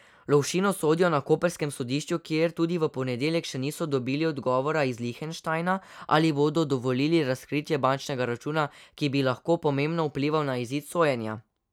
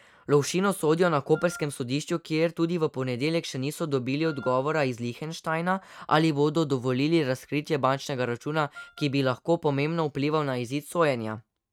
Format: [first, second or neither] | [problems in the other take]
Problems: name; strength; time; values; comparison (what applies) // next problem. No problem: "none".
first | noise reduction (neural mask model RNNoise)